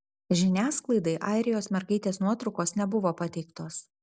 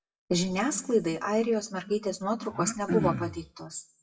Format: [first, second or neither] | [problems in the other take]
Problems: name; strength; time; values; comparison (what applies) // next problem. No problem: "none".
first | noise reduction (classical method WPE with log-MMSE)